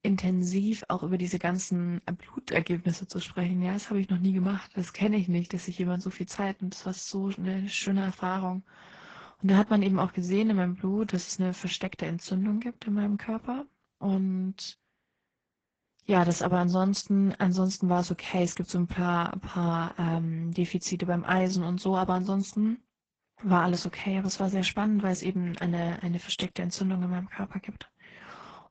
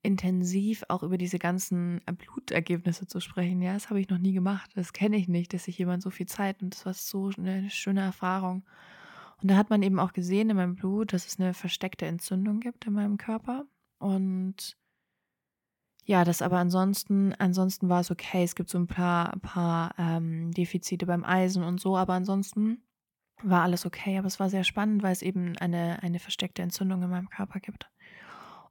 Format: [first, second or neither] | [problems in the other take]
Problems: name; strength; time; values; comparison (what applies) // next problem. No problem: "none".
second | garbled, watery; badly; nothing above 7.5 kHz